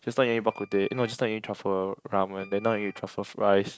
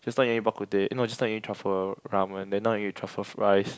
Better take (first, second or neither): second